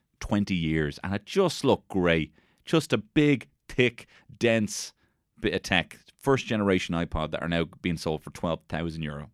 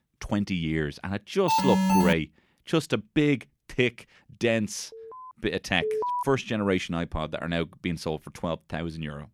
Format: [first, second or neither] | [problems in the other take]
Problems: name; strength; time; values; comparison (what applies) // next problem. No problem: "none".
first | alarm; loud; at 1.5 s; peak 6 dB above the speech // alarm; faint; at 5 s; peak 15 dB below the speech // alarm; noticeable; at 6 s; peak level with the speech